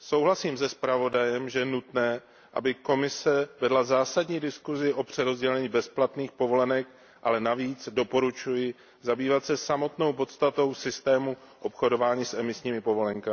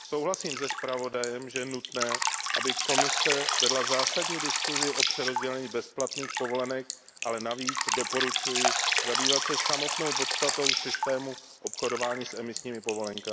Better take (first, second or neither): first